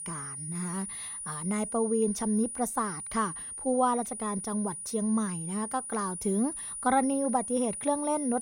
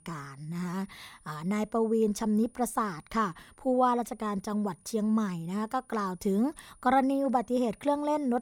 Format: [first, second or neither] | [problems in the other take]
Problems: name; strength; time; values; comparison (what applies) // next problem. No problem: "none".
second | high-pitched whine; loud; throughout; 9.5 kHz, 6 dB below the speech; faint in the second